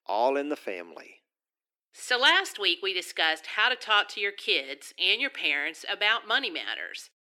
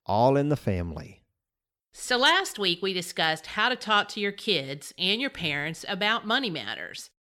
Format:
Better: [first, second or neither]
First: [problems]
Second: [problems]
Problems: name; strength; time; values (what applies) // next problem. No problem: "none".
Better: second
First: thin; somewhat; fading below 300 Hz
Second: none